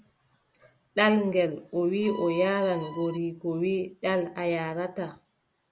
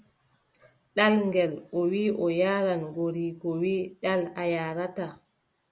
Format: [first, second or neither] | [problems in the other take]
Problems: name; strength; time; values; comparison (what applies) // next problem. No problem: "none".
second | background sound (Bowed string instrument); 13 dB below the speech